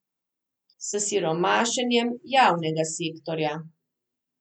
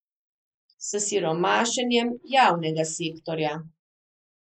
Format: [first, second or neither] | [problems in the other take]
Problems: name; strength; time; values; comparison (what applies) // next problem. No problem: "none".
first | noise reduction (neural mask model Resemble Enhance denoiser)